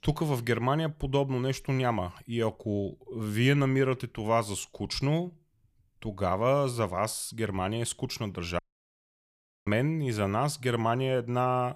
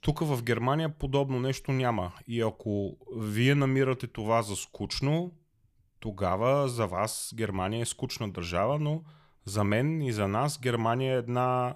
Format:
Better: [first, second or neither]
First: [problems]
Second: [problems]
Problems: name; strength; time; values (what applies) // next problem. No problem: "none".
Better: second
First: audio cutting out; at 8.5 s for 1 s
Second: none